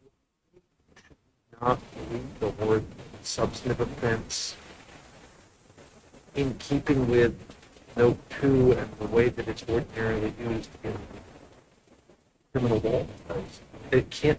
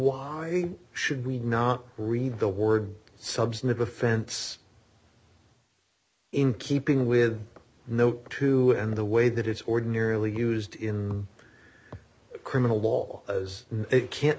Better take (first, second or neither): second